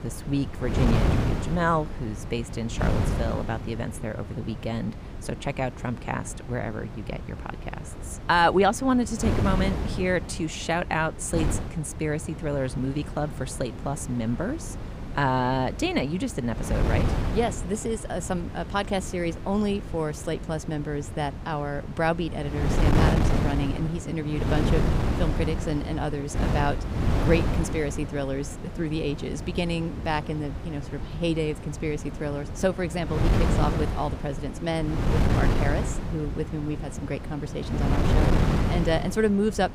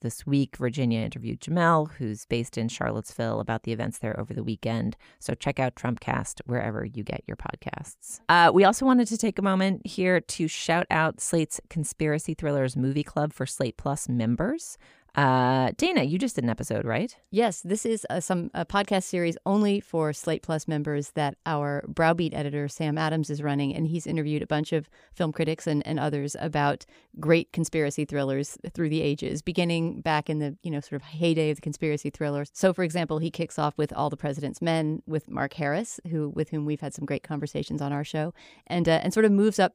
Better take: second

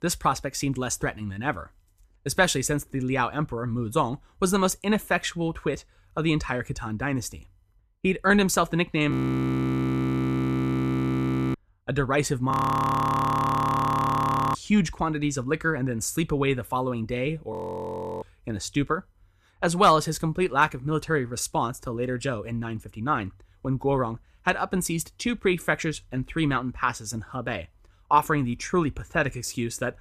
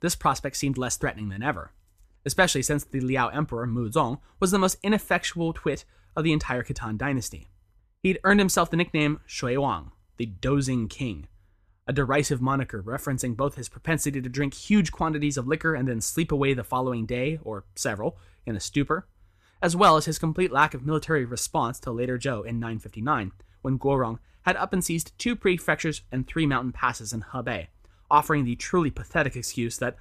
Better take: second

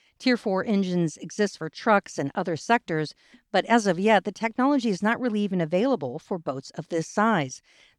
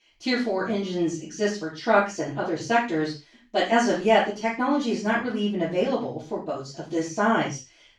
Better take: first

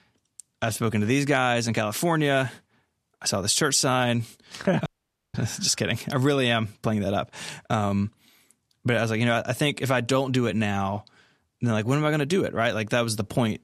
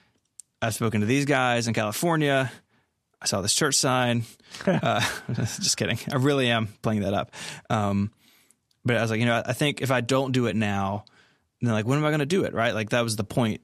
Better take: second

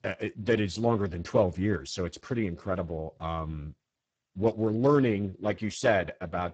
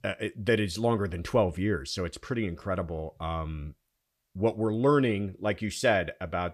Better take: second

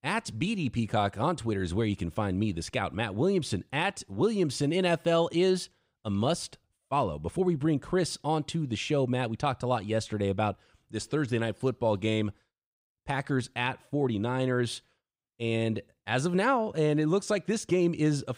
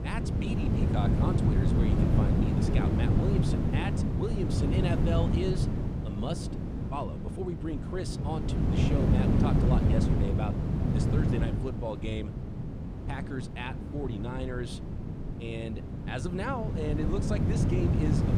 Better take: first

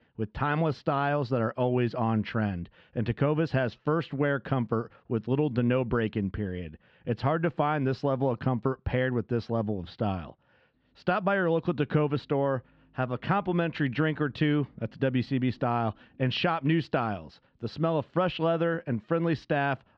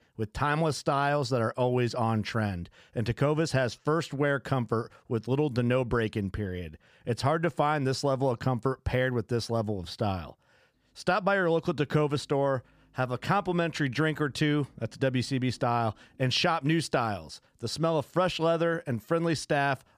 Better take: second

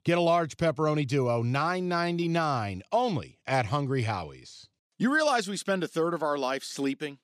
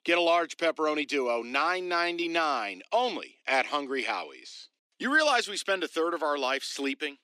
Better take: first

